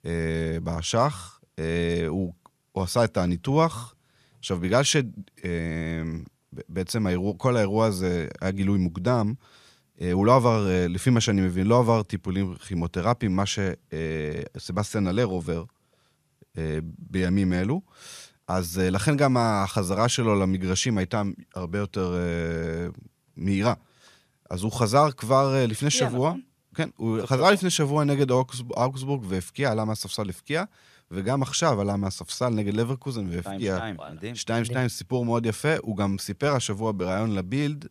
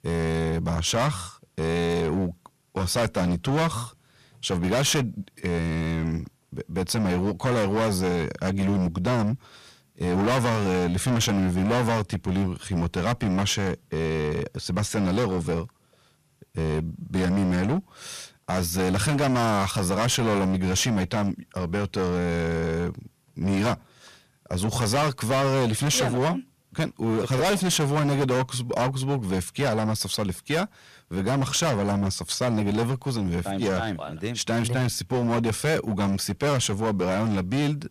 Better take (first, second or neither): first